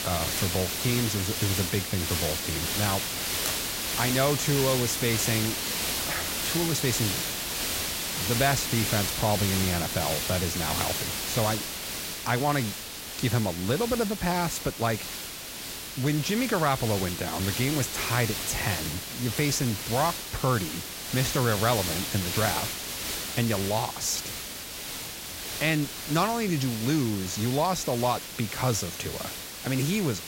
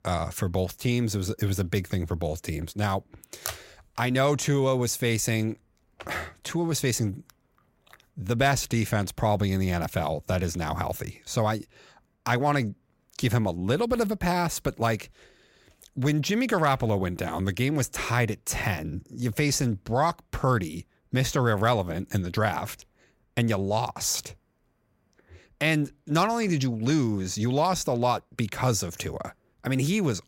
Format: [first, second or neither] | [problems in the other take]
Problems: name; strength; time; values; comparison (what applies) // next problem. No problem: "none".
second | hiss; loud; throughout; 2 dB below the speech